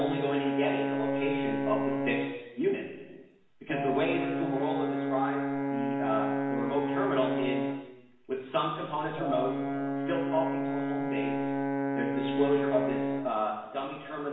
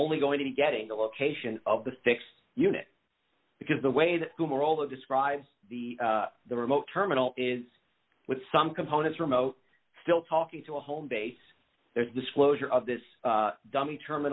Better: second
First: background sound (Brass instrument); 1 dB above the speech // room echo; dies away in 1.2 s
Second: none

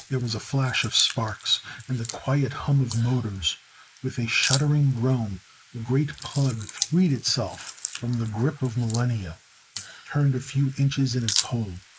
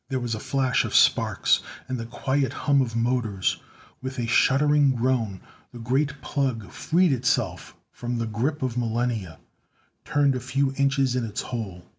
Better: second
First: noise reduction (neural mask model Resemble Enhance denoiser)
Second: none

